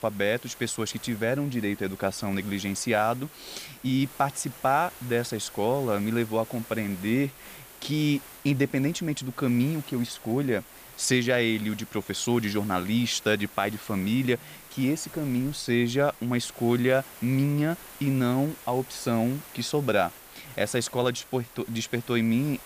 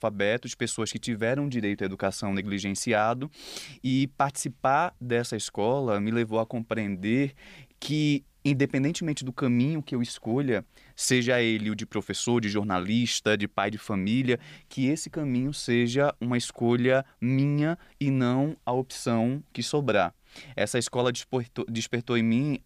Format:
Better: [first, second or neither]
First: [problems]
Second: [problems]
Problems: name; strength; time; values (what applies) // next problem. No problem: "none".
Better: second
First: hiss; noticeable; throughout; 15 dB below the speech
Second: none